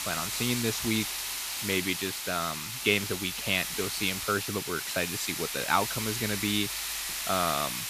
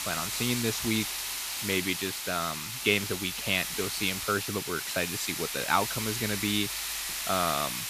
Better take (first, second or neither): neither